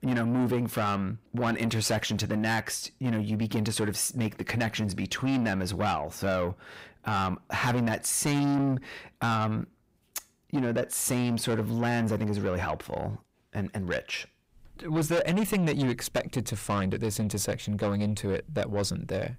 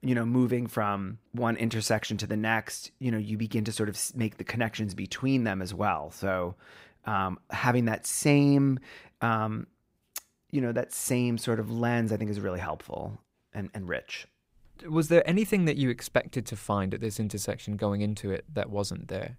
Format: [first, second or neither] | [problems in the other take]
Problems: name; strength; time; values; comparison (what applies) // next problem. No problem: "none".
second | distortion; heavy; 7 dB below the speech